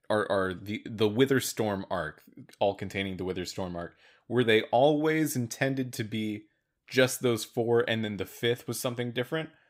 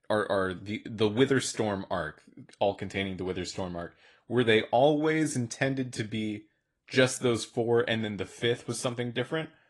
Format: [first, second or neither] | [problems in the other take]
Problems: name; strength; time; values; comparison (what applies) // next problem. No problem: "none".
first | garbled, watery; slightly; nothing above 10.5 kHz